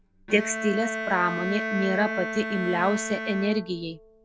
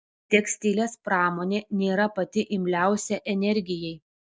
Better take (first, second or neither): second